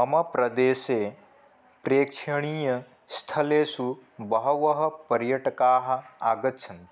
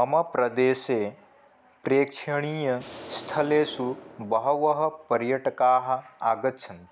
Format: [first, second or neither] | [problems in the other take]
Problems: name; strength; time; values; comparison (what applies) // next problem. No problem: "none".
first | background sound (Explosion); 17 dB below the speech